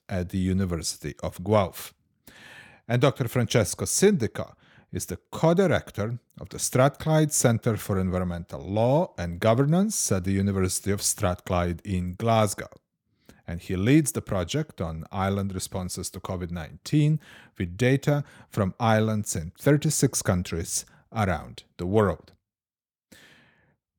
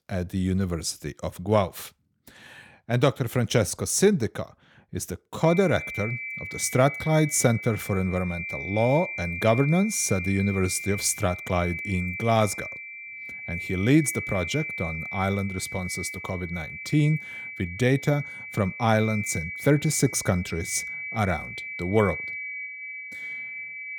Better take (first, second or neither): first